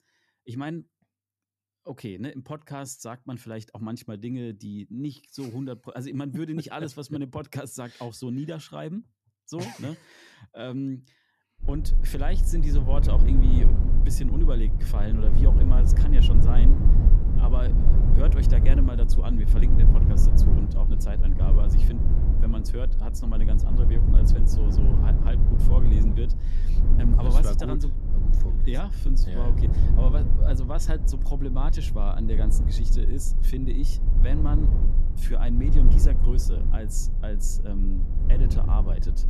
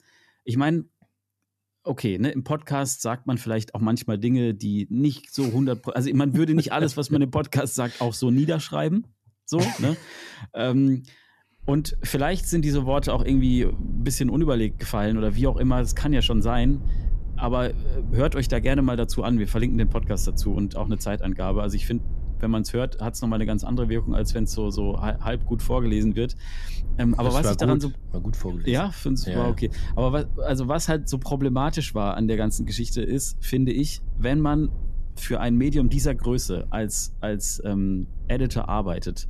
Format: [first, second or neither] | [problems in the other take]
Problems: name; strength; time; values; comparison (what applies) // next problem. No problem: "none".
second | low rumble; loud; from 12 s on; 2 dB below the speech; faint in the second